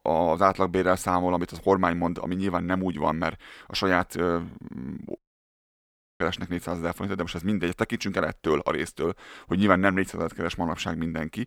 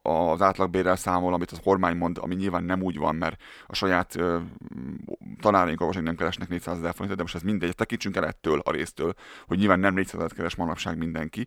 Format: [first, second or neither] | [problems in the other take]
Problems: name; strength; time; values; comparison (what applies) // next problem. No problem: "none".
second | audio cutting out; at 5 s for 1 s